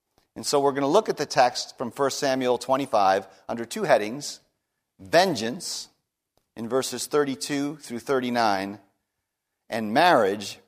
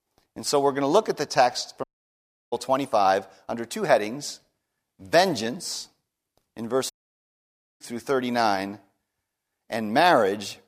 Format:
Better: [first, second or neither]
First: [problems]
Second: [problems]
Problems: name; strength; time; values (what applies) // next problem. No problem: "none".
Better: first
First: none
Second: audio cutting out; at 2 s for 0.5 s and at 7 s for 1 s